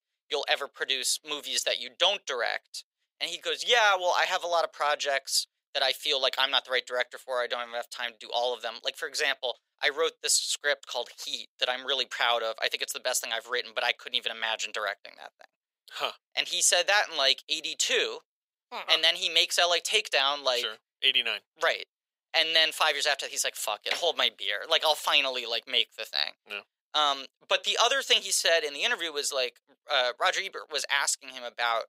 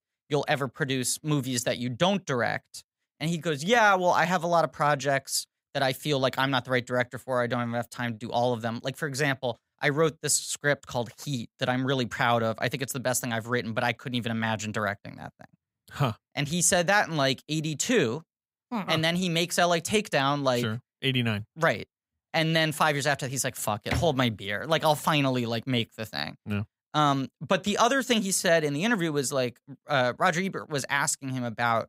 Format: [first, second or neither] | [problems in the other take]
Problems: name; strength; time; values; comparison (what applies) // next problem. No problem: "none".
second | thin; very; fading below 450 Hz